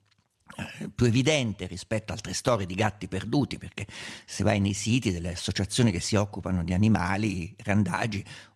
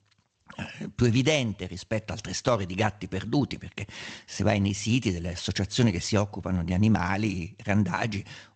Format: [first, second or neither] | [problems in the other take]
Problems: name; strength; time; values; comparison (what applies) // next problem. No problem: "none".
first | garbled, watery; slightly; nothing above 7.5 kHz